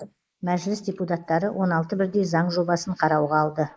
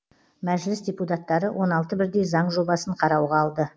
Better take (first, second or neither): second